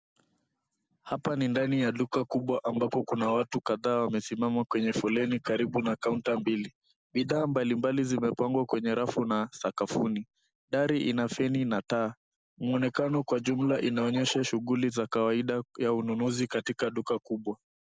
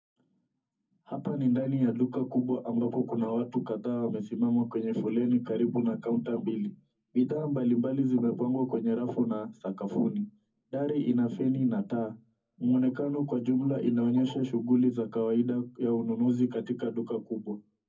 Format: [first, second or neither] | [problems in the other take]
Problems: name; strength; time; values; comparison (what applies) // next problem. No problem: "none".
first | room echo; dies away in 0.3 s